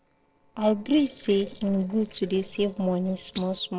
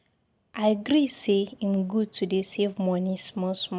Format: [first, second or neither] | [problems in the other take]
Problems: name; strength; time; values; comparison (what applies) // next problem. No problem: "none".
second | noise reduction (neural separator model SepFormer DNS4)